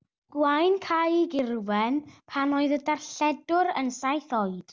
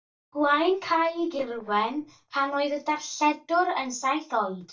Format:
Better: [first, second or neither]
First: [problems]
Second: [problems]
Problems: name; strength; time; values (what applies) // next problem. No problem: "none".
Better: first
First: none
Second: noise reduction (neural mask model DeepFilterNet 3)